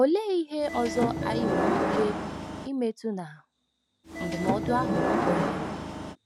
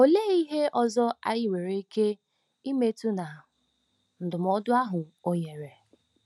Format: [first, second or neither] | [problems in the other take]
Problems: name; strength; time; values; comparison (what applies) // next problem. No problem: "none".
second | background sound (Subway, metro, underground / Sliding door); 1 dB above the speech